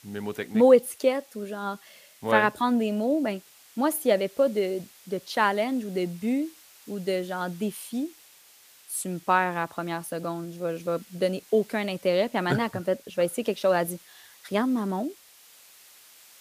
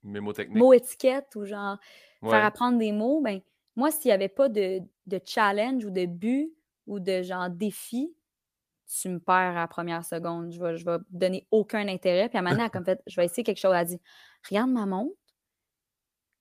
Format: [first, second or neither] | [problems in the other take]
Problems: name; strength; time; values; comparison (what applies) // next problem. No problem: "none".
second | hiss; faint; throughout; 25 dB below the speech